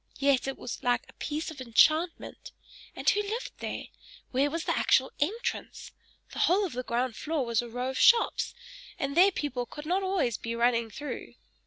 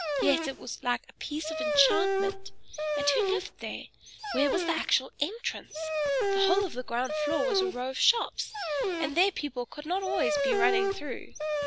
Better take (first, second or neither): first